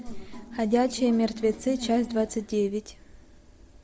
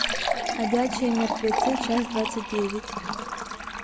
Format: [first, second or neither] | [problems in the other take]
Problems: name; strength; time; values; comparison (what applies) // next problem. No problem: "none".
first | background sound (Fill (with liquid)); 1 dB below the speech